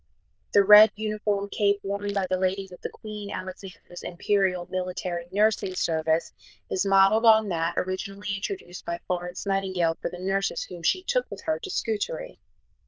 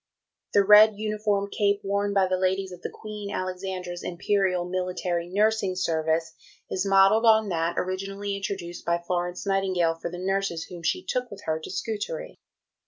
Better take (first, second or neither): second